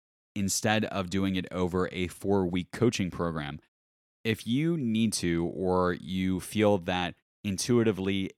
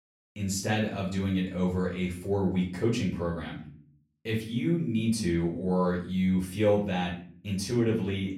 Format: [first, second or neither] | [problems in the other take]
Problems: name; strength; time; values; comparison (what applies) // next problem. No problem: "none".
first | off-mic speech; far // room echo; slight; dies away in 0.5 s